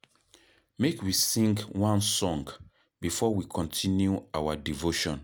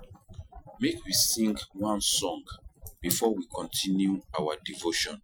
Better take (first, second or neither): first